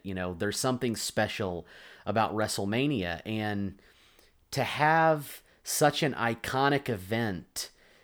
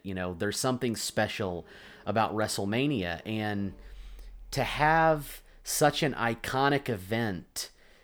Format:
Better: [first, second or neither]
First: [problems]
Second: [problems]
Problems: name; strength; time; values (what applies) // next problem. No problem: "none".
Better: first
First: none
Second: machinery noise; faint; throughout; 25 dB below the speech